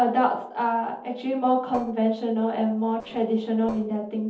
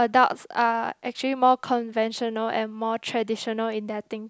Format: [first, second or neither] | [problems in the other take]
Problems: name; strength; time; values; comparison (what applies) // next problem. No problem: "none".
second | noise reduction (neural separator model SepFormer DNS4)